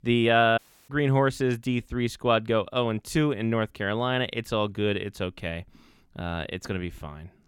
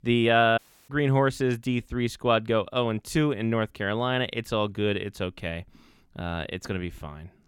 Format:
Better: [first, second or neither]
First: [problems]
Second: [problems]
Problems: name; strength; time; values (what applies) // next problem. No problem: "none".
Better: neither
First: audio cutting out; at 0.5 s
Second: audio cutting out; at 0.5 s